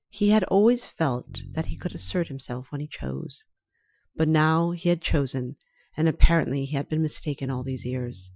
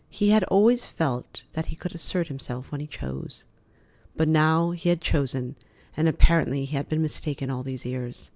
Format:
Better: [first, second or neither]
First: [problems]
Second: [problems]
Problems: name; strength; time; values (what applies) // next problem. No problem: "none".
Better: second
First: noise reduction (classical method Wiener filter)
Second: none